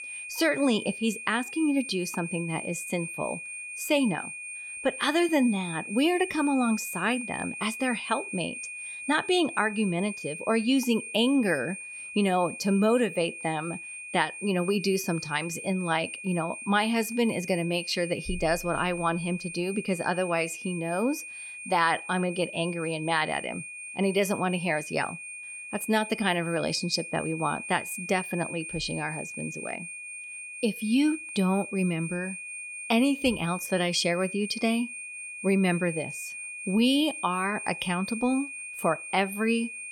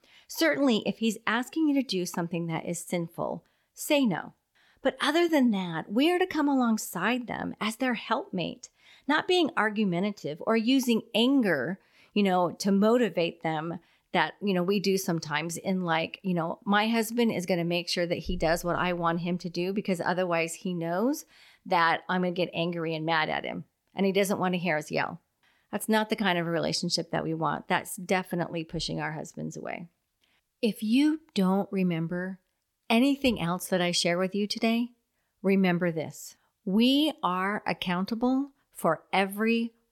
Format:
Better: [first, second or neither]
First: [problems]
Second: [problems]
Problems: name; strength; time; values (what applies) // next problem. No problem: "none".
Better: second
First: high-pitched whine; loud; throughout; 2.5 kHz, 9 dB below the speech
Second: none